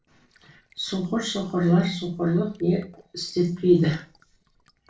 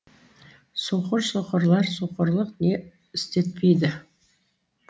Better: second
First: noise reduction (neural separator model SepFormer DNS4)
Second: none

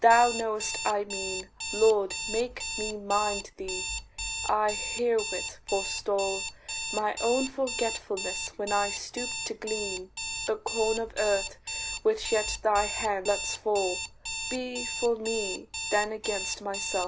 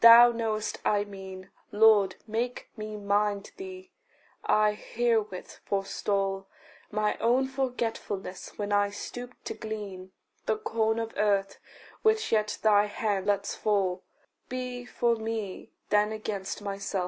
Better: second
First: background sound (Alarm); 6 dB below the speech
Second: none

